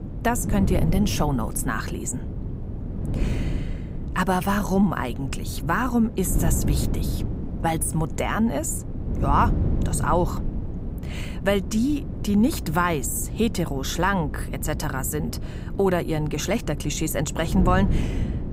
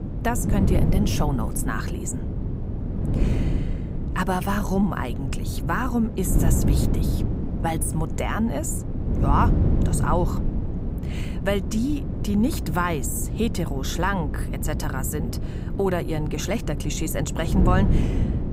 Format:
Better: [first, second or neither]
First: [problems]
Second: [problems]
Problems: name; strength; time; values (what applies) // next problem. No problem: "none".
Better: first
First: wind noise on the microphone; occasional gusts; 15 dB below the speech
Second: wind noise on the microphone; heavy; 7 dB below the speech